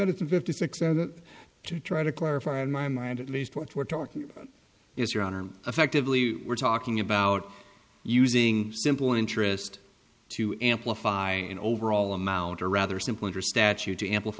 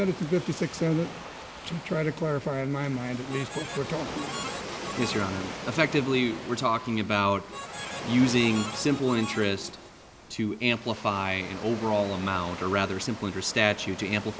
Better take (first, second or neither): first